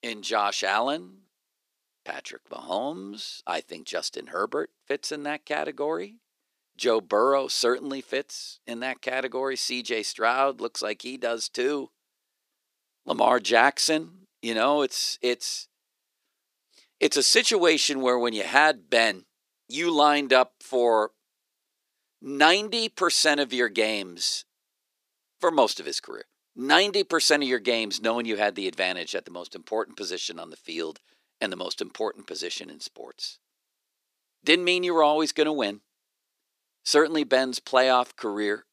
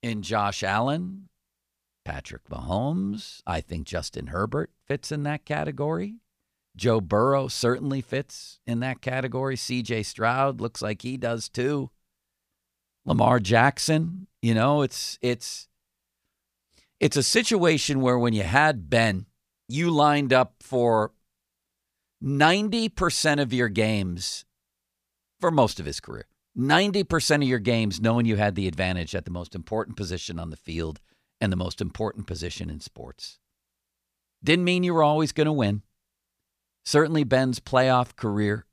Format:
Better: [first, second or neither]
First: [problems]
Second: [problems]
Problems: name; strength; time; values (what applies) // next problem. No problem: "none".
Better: second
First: thin; somewhat; fading below 350 Hz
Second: none